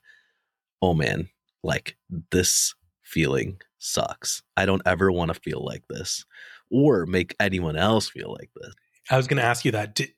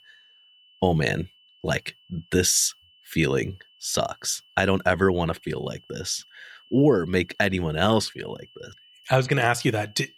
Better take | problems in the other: first | high-pitched whine; faint; throughout; 3 kHz, 30 dB below the speech

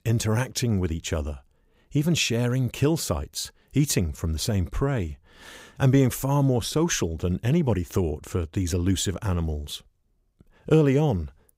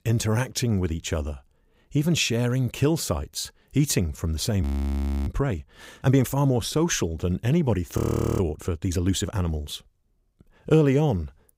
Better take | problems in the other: first | audio freezing; at 4.5 s for 0.5 s and at 8 s

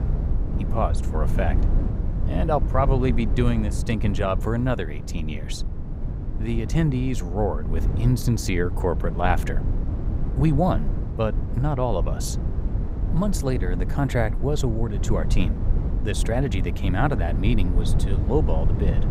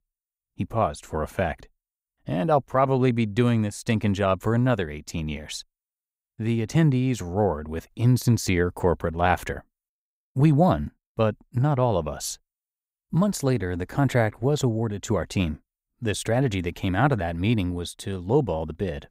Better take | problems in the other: second | low rumble; noticeable; throughout; 10 dB below the speech

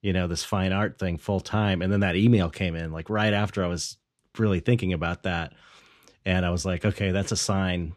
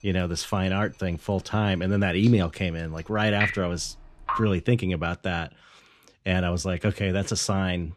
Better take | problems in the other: first | rain or running water; loud; until 4.5 s; 5 dB below the speech

